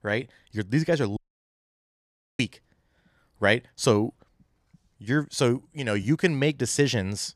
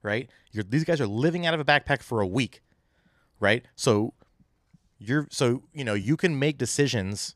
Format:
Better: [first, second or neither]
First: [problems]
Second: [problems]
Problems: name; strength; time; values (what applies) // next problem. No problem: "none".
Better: second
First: audio cutting out; at 1 s for 1 s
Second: none